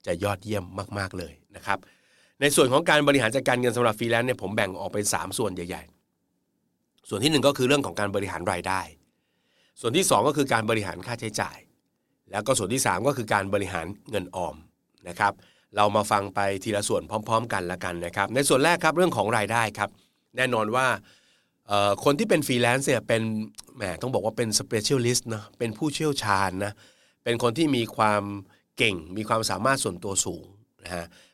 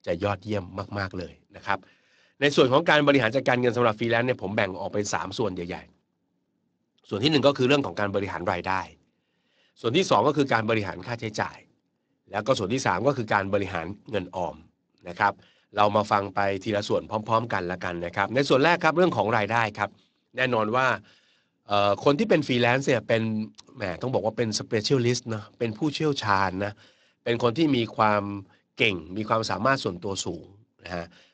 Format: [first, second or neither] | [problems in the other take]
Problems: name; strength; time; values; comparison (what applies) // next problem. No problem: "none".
first | garbled, watery; slightly; nothing above 7.5 kHz